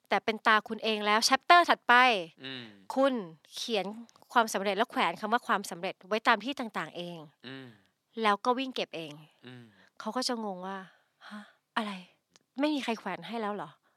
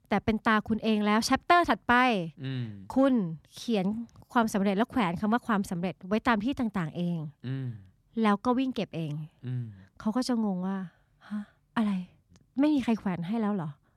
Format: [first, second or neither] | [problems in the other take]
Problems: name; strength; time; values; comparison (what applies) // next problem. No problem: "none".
second | thin; somewhat; fading below 450 Hz